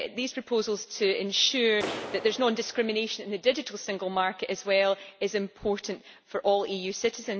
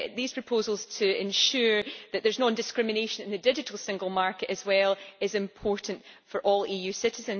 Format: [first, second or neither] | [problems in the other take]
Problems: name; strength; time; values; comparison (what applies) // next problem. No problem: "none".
second | background sound (Clapping); 15 dB below the speech